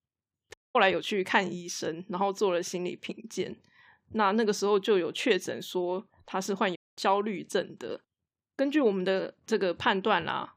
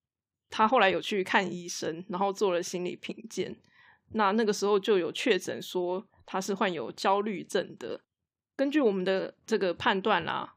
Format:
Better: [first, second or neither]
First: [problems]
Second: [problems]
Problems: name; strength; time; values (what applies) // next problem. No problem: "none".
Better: second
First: audio cutting out; at 0.5 s and at 7 s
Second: none